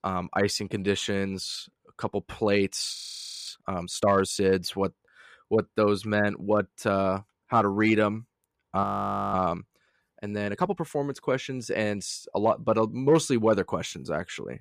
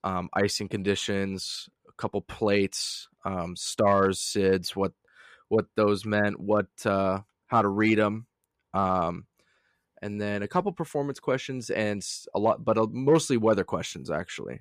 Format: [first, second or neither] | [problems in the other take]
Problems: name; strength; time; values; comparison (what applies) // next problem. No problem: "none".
second | audio freezing; at 3 s for 0.5 s and at 9 s